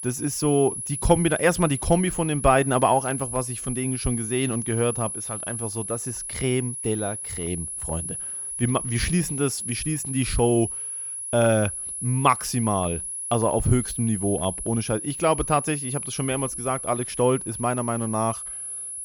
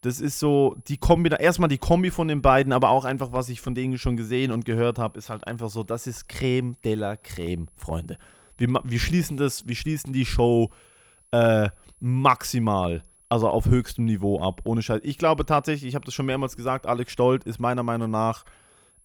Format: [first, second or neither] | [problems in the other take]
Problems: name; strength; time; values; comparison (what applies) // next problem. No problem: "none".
second | high-pitched whine; loud; throughout; 10.5 kHz, 5 dB below the speech; faint in the second